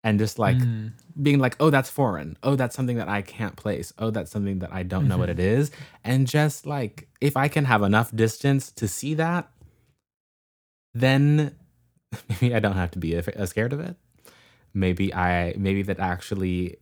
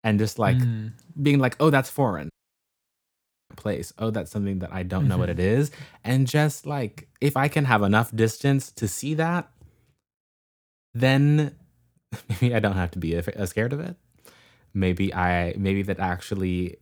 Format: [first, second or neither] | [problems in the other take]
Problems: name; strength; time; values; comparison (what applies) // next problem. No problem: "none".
first | audio cutting out; at 2.5 s for 1 s